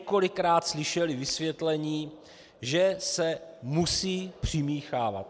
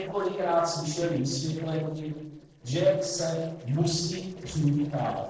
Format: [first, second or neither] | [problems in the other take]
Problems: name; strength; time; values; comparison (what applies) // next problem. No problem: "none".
first | noise reduction (neural separator model SepFormer DNS4)